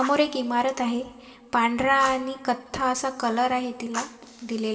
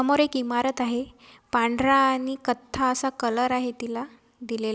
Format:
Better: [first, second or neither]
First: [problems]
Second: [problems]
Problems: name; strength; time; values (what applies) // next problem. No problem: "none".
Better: second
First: background sound (Fire); 16 dB below the speech // room echo; dies away in 1.3 s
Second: none